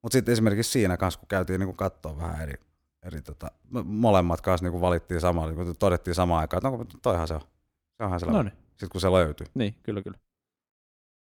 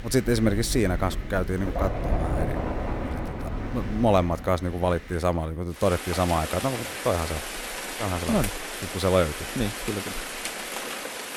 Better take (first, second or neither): first